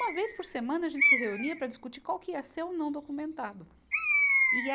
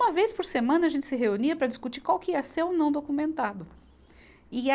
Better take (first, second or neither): second